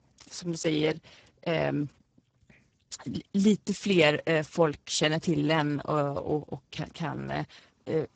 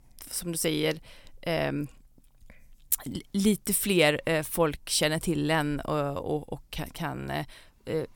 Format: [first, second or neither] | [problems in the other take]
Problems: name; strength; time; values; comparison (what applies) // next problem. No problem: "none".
second | garbled, watery; badly; nothing above 7.5 kHz